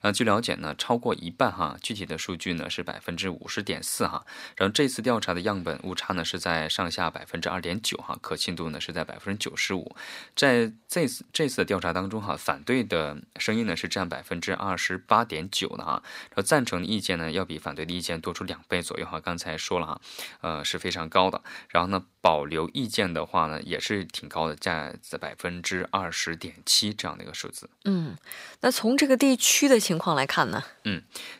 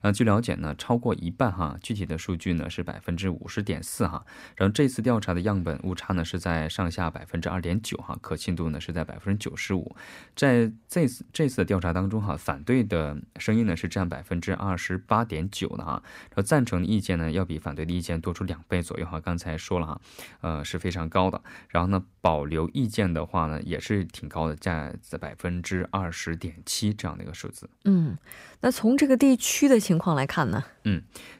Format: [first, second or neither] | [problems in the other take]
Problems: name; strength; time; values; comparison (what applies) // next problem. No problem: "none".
second | thin; very slightly; fading below 550 Hz